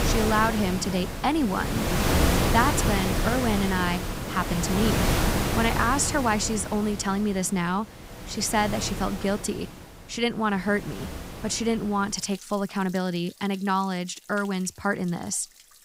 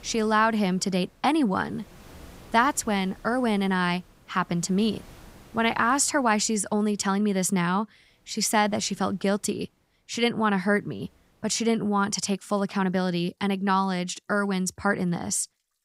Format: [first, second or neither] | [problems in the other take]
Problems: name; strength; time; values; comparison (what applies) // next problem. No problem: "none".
second | rain or running water; loud; throughout; 1 dB below the speech; faint in the second